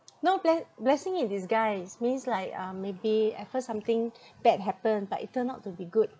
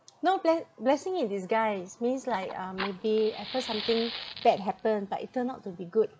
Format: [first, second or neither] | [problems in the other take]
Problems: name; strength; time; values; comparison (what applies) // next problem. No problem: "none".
first | background sound (Fire); 12 dB below the speech